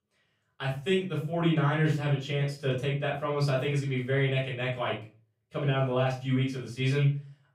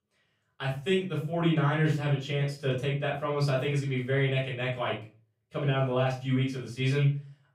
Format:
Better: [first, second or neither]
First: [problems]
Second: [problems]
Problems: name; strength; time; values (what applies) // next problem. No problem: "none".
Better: neither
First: off-mic speech; far // room echo; slight; dies away in 0.3 s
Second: off-mic speech; far // room echo; slight; dies away in 0.3 s